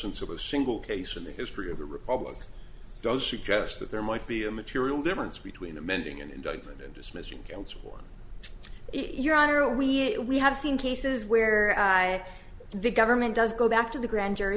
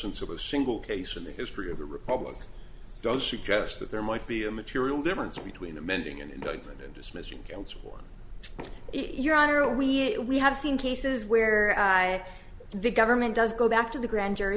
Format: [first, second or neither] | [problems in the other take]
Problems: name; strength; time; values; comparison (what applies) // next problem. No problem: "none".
first | background sound (Knock); 20 dB below the speech